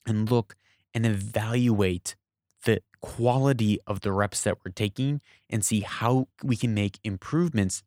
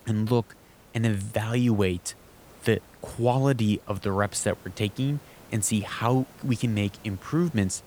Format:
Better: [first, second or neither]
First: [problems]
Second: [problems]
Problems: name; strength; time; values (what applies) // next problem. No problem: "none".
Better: first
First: none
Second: hiss; faint; throughout; 25 dB below the speech